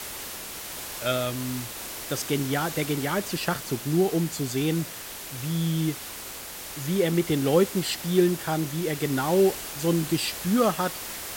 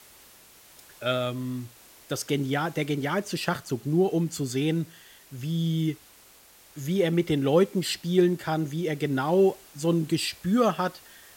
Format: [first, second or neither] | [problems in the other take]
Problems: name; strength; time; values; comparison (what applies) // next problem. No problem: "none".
second | hiss; loud; throughout; 8 dB below the speech; faint in the second